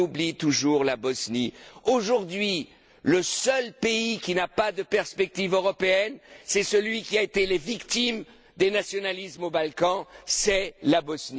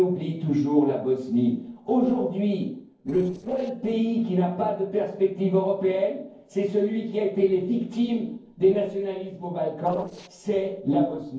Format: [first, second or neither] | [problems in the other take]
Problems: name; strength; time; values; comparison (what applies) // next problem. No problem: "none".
first | noise reduction (neural separator model SepFormer DNS4)